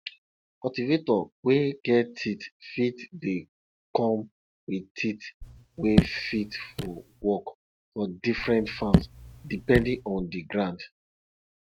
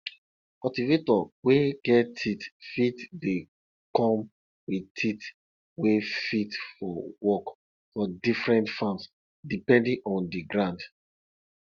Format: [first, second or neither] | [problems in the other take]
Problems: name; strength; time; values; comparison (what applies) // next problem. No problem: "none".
second | noise reduction (neural mask model RNNoise)